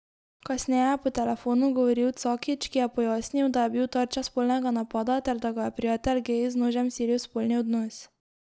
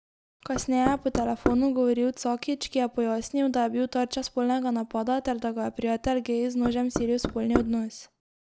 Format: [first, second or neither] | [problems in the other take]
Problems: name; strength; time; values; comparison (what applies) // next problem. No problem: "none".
first | background sound (Knock); 5 dB below the speech